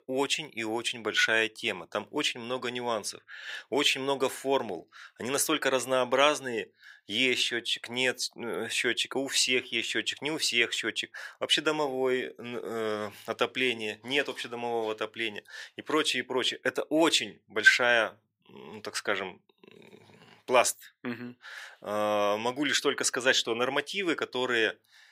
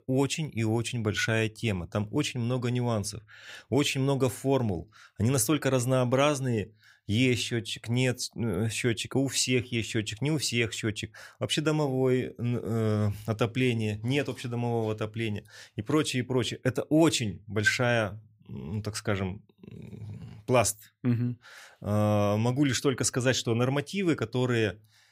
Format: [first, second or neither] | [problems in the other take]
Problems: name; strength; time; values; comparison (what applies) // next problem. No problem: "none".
second | thin; somewhat; fading below 400 Hz